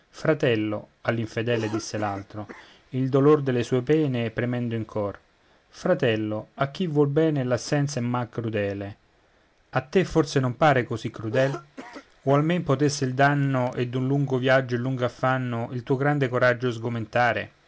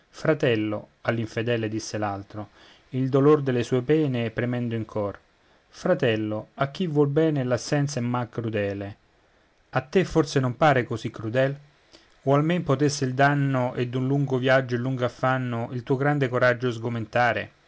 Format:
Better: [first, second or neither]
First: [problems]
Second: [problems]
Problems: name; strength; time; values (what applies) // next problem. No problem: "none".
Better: second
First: background sound (Cough); 18 dB below the speech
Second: none